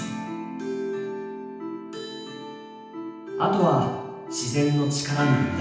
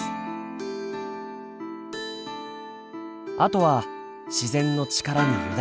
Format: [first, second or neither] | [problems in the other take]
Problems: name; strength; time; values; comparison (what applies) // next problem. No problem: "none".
second | room echo; dies away in 0.9 s